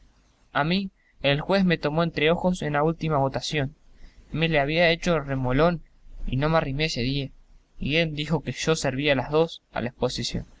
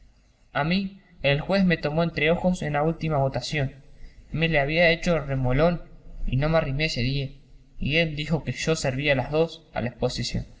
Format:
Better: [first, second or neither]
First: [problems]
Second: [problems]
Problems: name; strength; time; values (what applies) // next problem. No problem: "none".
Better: first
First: none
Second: room echo; dies away in 0.4 s